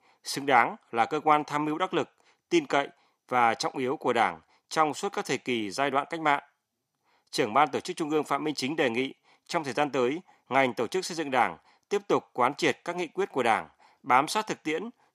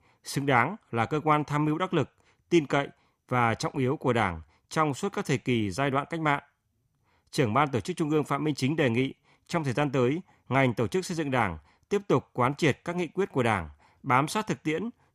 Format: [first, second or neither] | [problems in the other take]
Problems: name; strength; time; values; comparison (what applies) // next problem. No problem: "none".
second | thin; somewhat; fading below 300 Hz